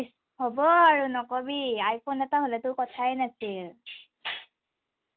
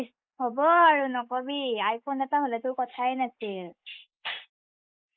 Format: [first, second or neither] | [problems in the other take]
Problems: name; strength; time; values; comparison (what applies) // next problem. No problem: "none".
first | noise reduction (neural mask model Resemble Enhance denoiser)